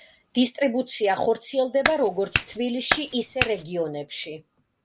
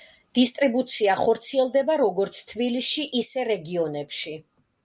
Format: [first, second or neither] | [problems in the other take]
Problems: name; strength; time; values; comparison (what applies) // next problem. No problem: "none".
second | background sound (Clapping); 2 dB below the speech